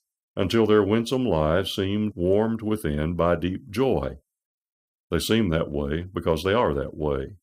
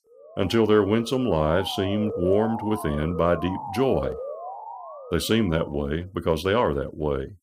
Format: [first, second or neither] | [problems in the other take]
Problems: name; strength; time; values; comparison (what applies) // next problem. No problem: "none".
first | siren; noticeable; until 6 s; peak 7 dB below the speech